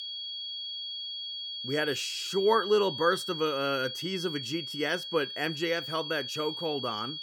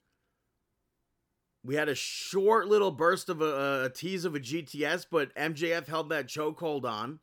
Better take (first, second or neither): second